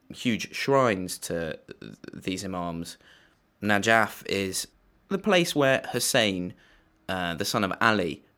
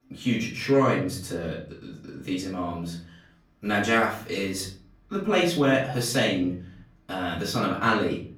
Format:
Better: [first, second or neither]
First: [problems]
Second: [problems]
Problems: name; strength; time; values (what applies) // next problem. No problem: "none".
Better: first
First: none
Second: room echo; noticeable; dies away in 0.7 s // off-mic speech; far